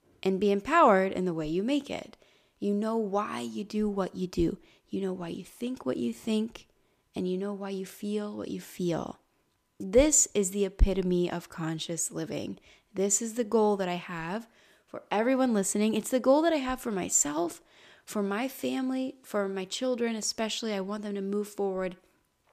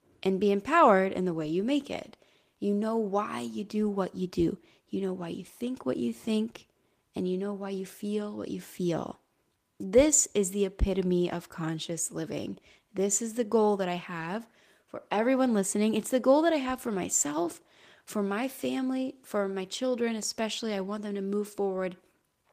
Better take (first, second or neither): first